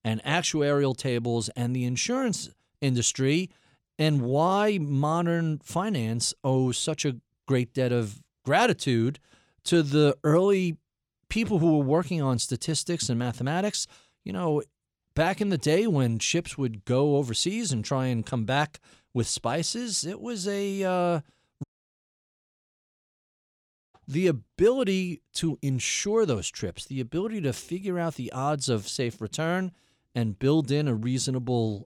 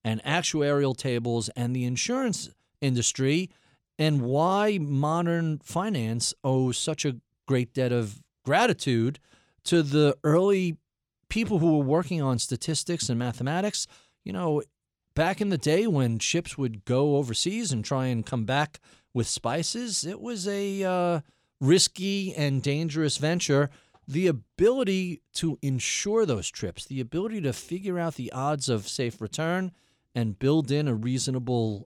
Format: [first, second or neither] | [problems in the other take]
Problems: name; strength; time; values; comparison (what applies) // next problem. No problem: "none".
second | audio cutting out; at 22 s for 2.5 s